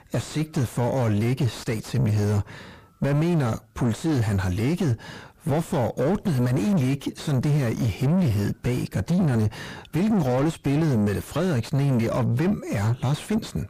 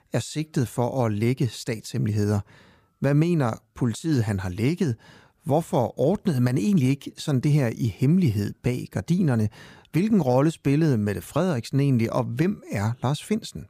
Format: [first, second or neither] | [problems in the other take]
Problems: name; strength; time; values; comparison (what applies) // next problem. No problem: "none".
second | distortion; heavy; 7 dB below the speech